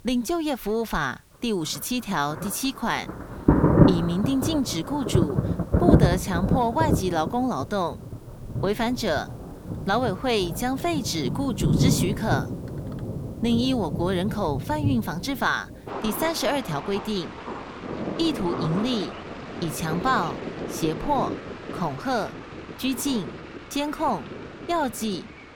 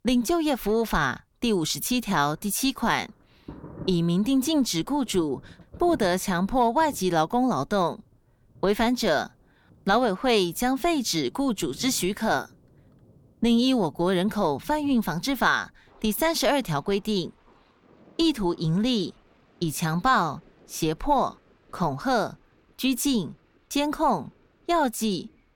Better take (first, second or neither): second